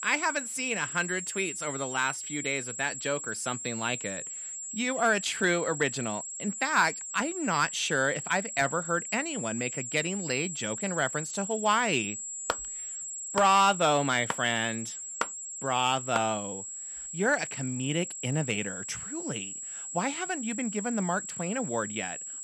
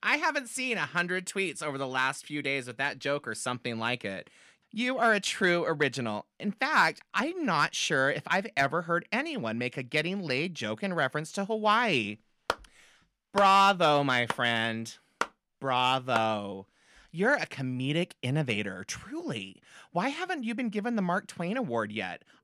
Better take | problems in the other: second | high-pitched whine; loud; throughout; 7.5 kHz, 6 dB below the speech

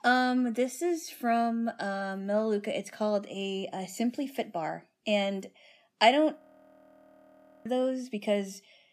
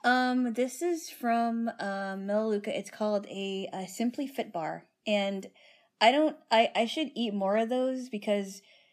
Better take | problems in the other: second | audio freezing; at 6.5 s for 1.5 s

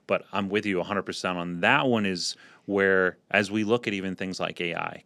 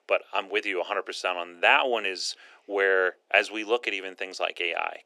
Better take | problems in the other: first | thin; very; fading below 350 Hz

